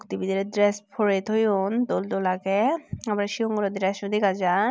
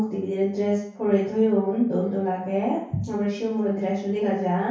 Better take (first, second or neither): first